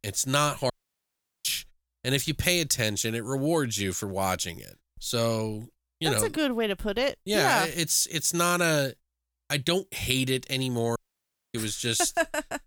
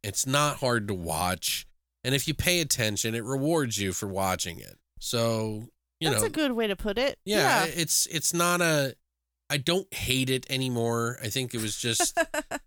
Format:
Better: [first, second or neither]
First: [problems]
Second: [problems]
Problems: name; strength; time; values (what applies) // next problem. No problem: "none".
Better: second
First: audio cutting out; at 0.5 s for 1 s and at 11 s for 0.5 s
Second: none